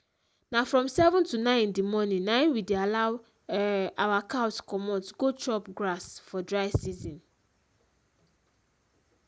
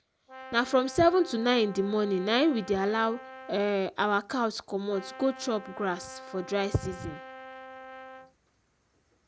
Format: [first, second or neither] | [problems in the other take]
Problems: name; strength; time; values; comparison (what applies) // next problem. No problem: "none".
first | background sound (Brass instrument); 16 dB below the speech